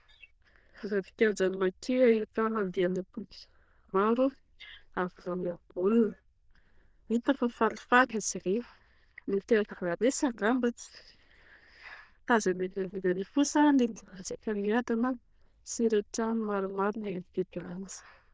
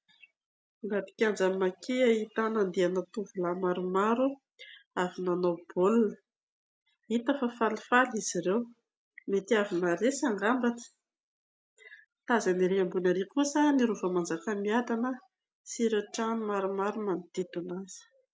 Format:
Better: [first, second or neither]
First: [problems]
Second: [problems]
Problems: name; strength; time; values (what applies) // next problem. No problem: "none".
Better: second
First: noise reduction (neural diffusion model UNIVERSE++)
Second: none